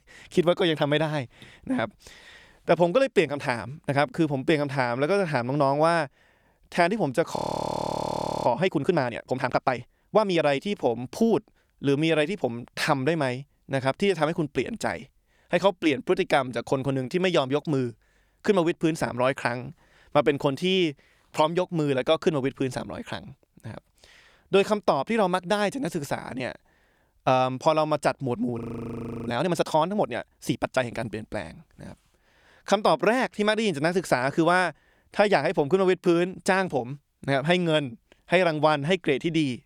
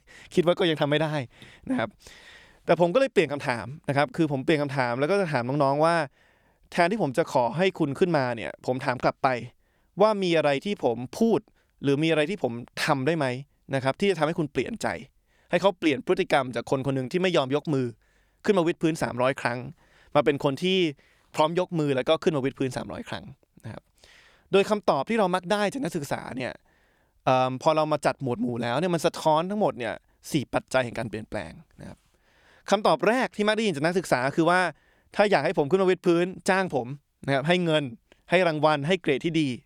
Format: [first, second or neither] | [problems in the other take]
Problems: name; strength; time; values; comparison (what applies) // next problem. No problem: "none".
second | audio freezing; at 7.5 s for 1 s and at 29 s for 0.5 s